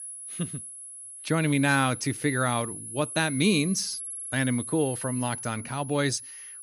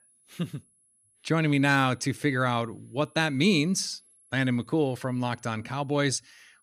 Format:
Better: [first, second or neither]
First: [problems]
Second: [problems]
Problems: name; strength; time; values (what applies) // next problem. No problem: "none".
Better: second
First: high-pitched whine; loud; throughout; 11 kHz, 8 dB below the speech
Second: high-pitched whine; faint; throughout; 11 kHz, 30 dB below the speech